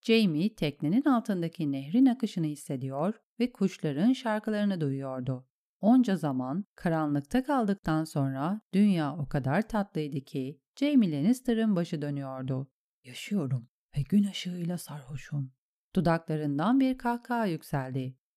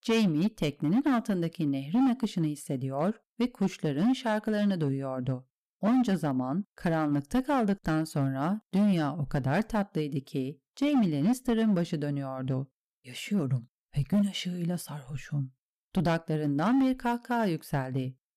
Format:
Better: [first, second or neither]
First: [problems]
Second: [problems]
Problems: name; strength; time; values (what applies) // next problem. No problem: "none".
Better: first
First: none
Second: distortion; slight; 7% of the sound clipped